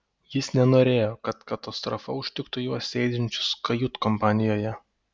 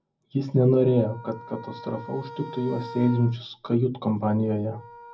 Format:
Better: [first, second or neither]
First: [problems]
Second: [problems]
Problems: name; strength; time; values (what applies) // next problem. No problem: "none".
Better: first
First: none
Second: background sound (Wind instrument, woodwind instrument); 18 dB below the speech // room echo; dies away in 0.4 s